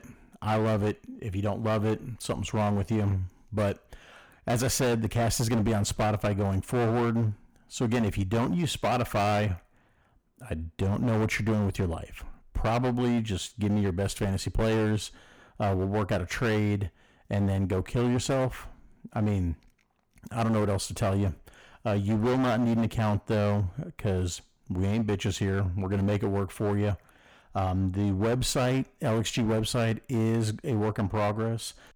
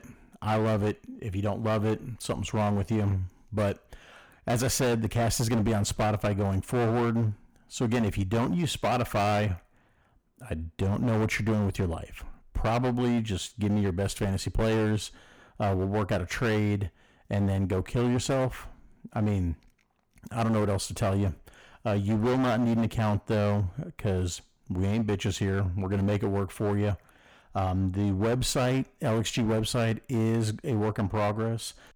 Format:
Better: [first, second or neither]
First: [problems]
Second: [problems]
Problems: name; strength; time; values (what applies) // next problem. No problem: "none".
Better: neither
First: distortion; heavy; 16% of the sound clipped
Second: distortion; heavy; 16% of the sound clipped